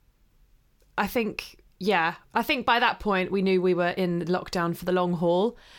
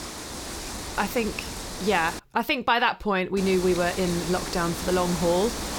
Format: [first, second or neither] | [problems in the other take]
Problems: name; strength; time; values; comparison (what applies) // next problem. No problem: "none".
first | wind noise on the microphone; heavy; until 2 s and from 3.5 s on; 9 dB below the speech